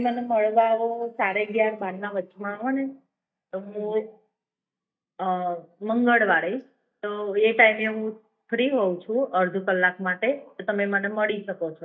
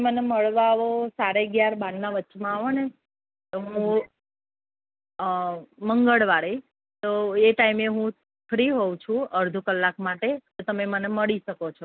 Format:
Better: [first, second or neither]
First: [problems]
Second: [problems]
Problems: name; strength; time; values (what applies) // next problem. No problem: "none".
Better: second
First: noise reduction (neural mask model DeepFilterNet 3)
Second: none